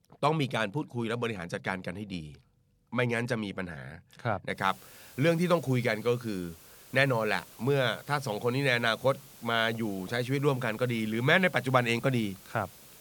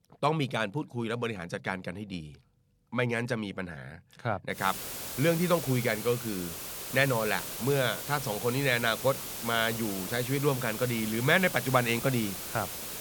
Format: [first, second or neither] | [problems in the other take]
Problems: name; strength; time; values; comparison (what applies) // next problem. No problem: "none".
first | hiss; loud; from 4.5 s on; 6 dB below the speech; faint in the first